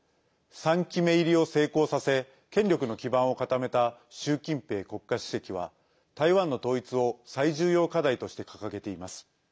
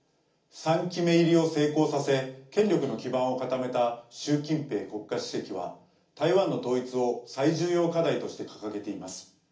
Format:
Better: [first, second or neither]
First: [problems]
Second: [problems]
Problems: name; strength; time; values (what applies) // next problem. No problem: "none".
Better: first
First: none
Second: room echo; dies away in 0.4 s